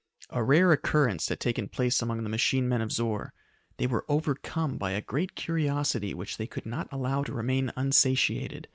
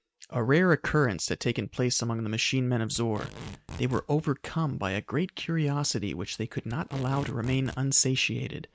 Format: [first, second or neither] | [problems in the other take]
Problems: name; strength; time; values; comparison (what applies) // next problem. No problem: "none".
first | background sound (Packing tape, duct tape); 15 dB below the speech